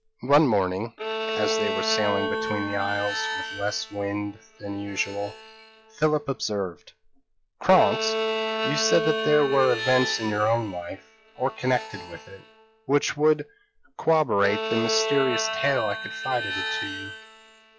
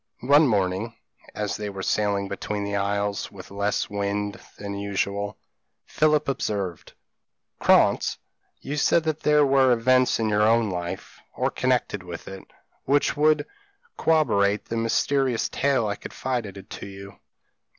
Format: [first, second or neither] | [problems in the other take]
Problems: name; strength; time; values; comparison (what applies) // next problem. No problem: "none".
second | noise reduction (classical method log-MMSE)